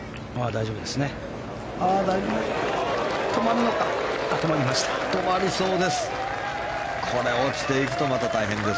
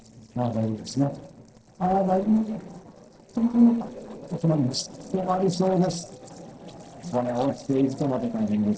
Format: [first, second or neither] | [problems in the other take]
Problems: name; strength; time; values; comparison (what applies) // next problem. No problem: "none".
first | noise reduction (neural separator model SepFormer DNS4)